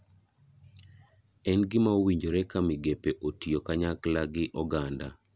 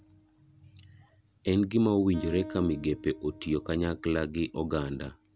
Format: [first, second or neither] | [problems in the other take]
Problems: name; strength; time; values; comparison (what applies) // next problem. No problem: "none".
first | background sound (Acoustic guitar); 18 dB below the speech